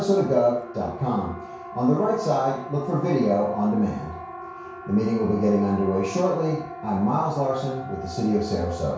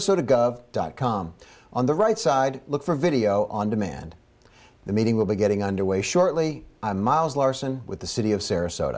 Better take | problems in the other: second | background sound (Siren); 12 dB below the speech // room echo; dies away in 0.6 s

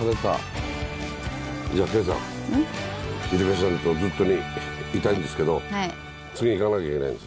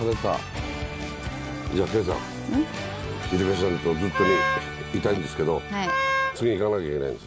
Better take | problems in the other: first | background sound (Wind instrument, woodwind instrument); 1 dB below the speech

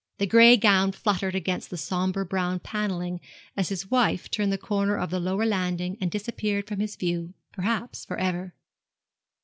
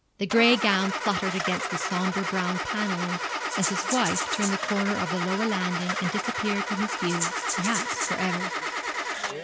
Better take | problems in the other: first | background sound (Rattle (instrument) + Engine starting / Car); 1 dB below the speech

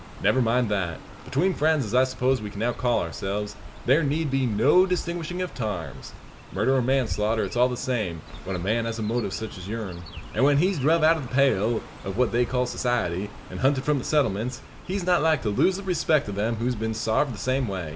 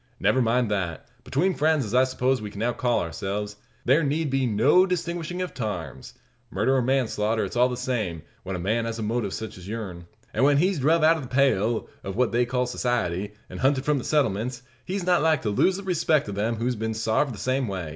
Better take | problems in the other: second | background sound (Chirp, tweet); 14 dB below the speech

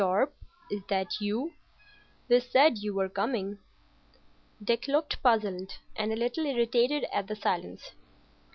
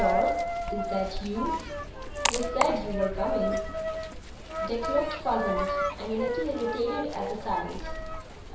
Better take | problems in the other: first | background sound (Coin (dropping)); 1 dB above the speech // room echo; dies away in 0.7 s

